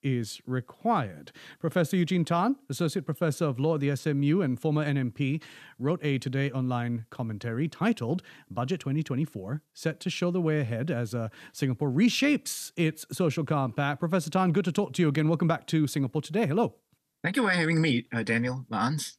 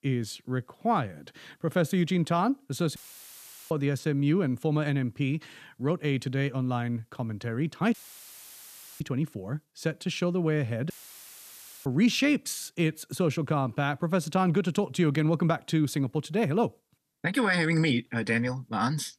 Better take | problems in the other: first | audio cutting out; filled with static; at 3 s for 1 s, at 8 s for 1 s and at 11 s for 1 s

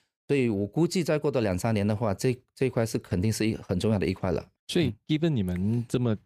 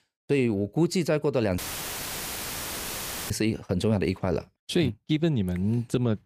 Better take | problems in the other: first | audio cutting out; filled with static; at 1.5 s for 1.5 s

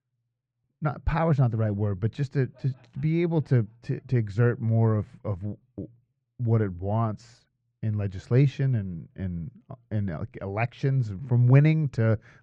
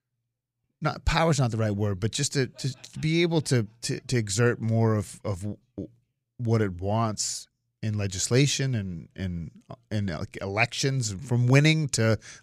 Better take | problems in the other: second | muffled; very; fading above 1.5 kHz

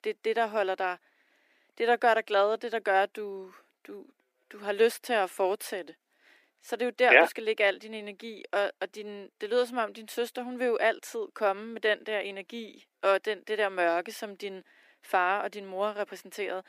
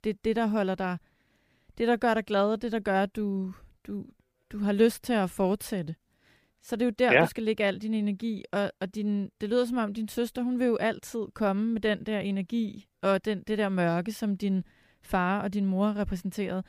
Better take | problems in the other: second | thin; very; fading below 300 Hz

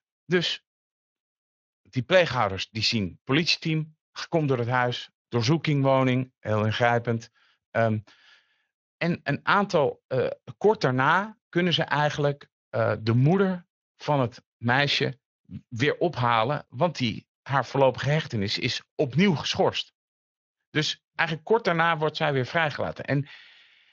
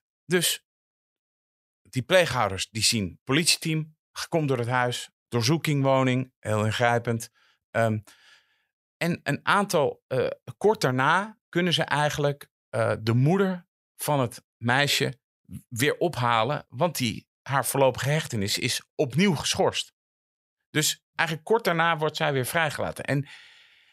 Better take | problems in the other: second | garbled, watery; slightly; nothing above 6.5 kHz

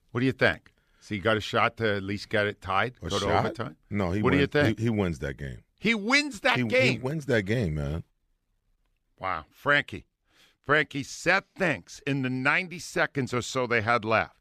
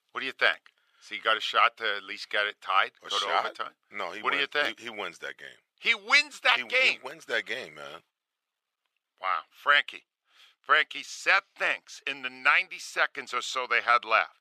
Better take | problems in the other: first | thin; very; fading below 750 Hz

